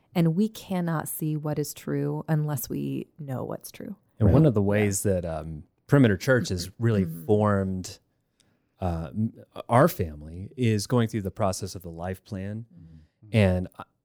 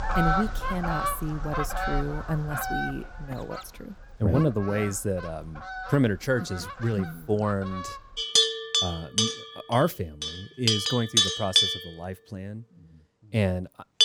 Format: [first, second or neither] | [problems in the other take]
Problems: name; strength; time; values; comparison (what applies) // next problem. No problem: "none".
first | animal sounds; very loud; throughout; 3 dB above the speech